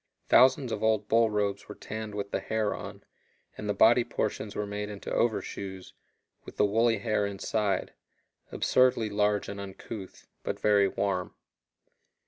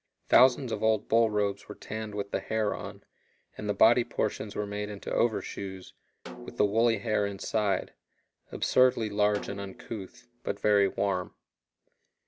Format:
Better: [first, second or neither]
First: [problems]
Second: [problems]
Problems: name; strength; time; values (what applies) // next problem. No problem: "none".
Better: first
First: none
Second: background sound (Snare drum); 20 dB below the speech